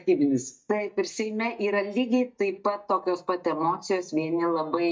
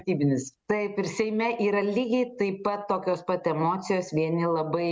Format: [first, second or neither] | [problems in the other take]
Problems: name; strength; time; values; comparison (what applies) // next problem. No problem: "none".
second | noise reduction (neural mask model DeepFilterNet 3)